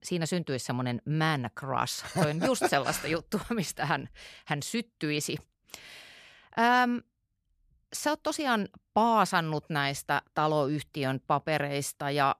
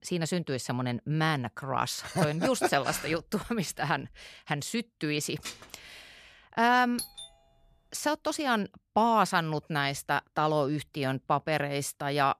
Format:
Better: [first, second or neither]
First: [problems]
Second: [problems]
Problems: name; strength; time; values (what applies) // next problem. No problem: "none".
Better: first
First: none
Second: clattering dishes; faint; at 5.5 s; peak 10 dB below the speech // doorbell; noticeable; at 7 s; peak 9 dB below the speech